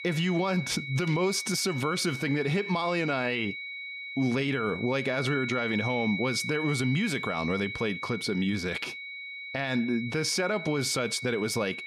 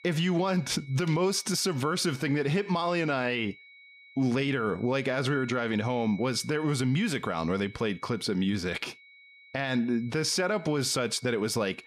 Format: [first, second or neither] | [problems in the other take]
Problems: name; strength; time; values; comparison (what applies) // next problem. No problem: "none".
second | high-pitched whine; loud; throughout; 2 kHz, 7 dB below the speech; faint in the second